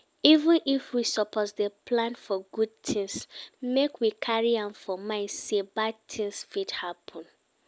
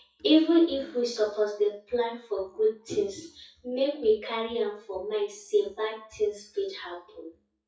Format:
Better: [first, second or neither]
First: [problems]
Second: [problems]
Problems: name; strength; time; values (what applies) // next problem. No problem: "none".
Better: first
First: none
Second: noise reduction (classical method WPE with log-MMSE)